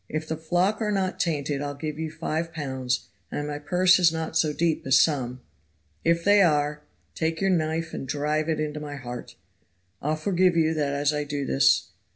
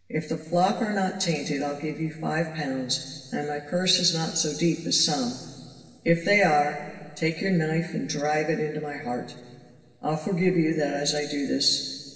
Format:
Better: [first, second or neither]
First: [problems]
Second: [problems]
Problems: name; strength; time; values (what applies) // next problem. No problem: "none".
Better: first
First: none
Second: room echo; dies away in 2 s